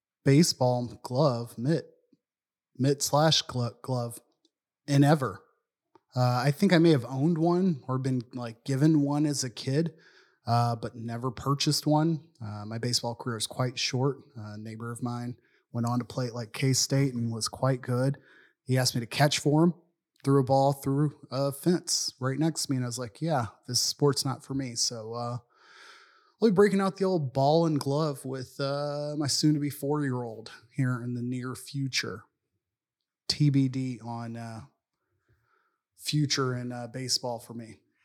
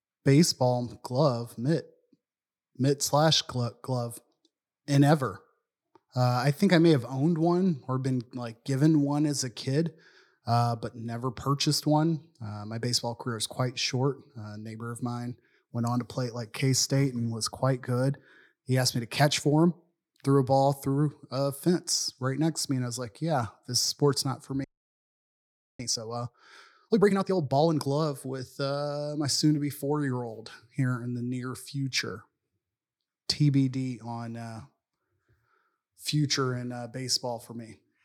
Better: first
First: none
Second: audio freezing; at 25 s for 1 s

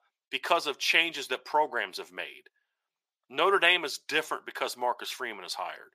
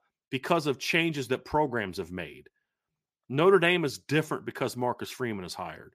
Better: second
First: thin; very; fading below 700 Hz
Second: none

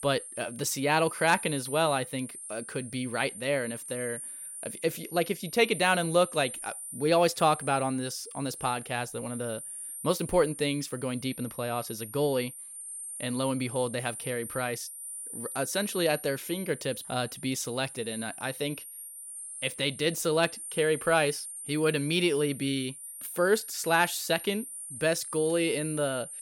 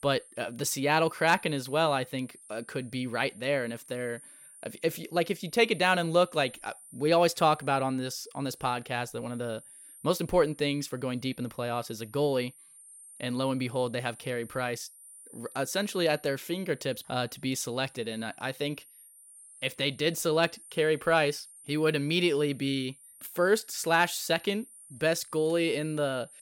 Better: second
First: high-pitched whine; loud; throughout; 9 kHz, 10 dB below the speech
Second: high-pitched whine; faint; throughout; 9 kHz, 20 dB below the speech

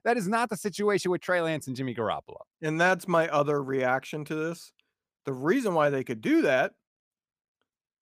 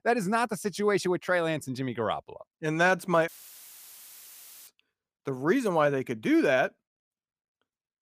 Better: first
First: none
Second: audio cutting out; filled with static; at 3.5 s for 1.5 s

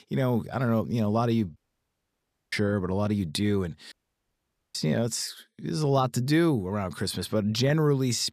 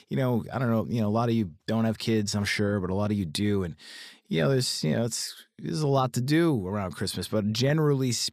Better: second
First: audio cutting out; at 1.5 s for 1 s and at 4 s for 1 s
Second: none

